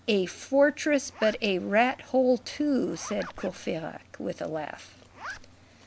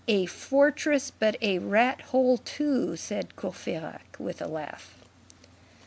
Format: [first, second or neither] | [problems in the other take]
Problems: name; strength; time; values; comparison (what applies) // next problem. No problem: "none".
second | background sound (Zipper (clothing)); 20 dB below the speech